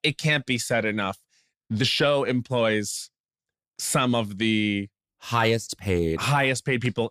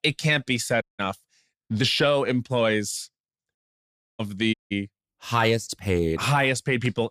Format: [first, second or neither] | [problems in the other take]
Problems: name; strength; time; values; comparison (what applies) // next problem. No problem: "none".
first | audio cutting out; at 1 s, at 3.5 s for 0.5 s and at 4.5 s